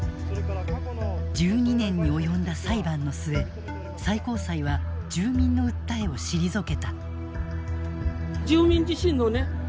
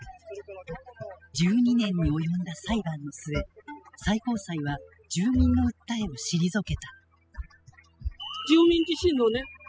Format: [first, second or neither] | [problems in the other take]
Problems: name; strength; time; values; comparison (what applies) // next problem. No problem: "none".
first | noise reduction (classical method spectral subtraction)